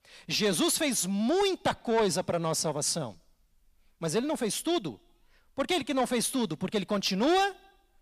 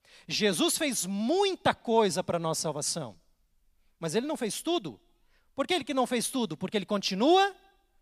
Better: second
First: distortion; slight; 10 dB below the speech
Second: none

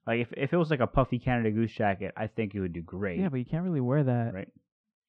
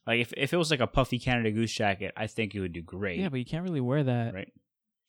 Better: second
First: muffled; very; fading above 1.5 kHz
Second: none

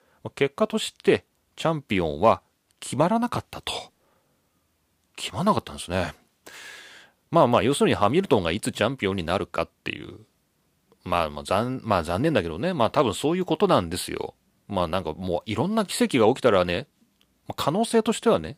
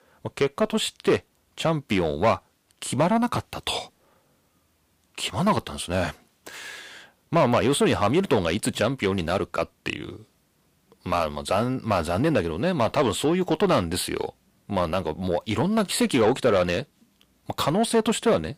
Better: first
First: none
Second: distortion; slight; 10 dB below the speech

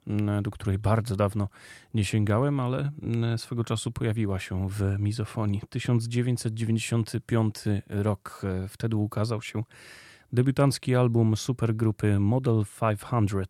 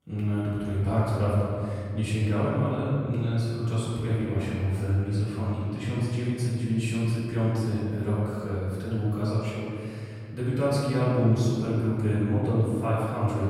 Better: first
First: none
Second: off-mic speech; far // room echo; strong; dies away in 2.2 s

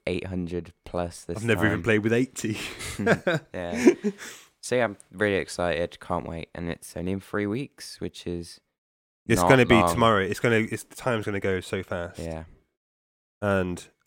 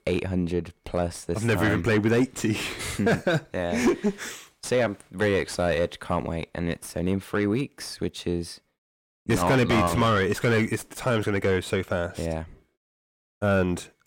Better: first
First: none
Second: distortion; heavy; 6 dB below the speech

